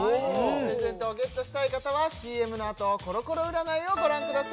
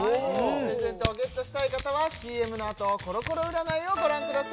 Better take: first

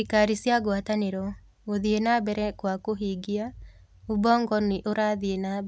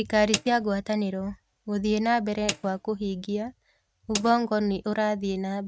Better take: first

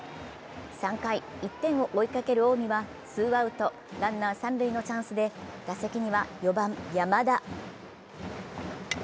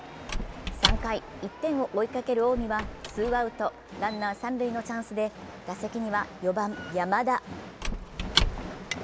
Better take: first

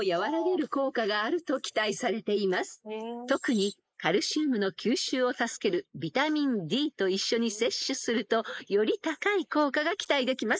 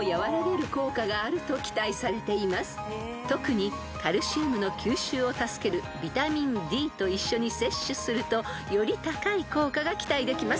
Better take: second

